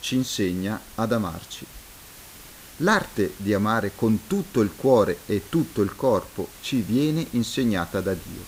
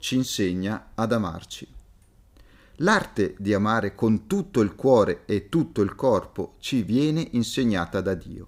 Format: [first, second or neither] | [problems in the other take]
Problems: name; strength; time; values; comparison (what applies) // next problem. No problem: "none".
second | hiss; noticeable; throughout; 20 dB below the speech